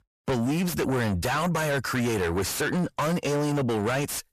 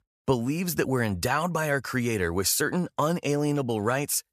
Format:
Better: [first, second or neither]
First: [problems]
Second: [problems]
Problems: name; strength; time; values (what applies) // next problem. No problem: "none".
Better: second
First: distortion; heavy; 6 dB below the speech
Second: none